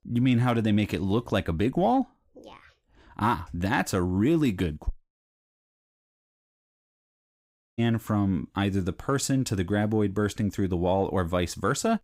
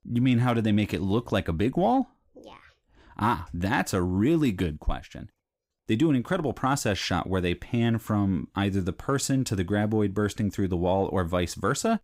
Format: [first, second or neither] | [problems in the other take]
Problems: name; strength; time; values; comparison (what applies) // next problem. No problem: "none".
second | audio cutting out; at 5 s for 3 s